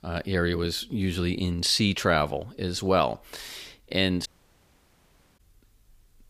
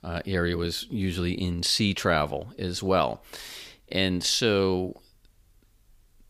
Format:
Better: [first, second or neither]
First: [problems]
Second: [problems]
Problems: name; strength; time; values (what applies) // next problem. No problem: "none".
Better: second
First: audio cutting out; at 4.5 s for 1 s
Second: none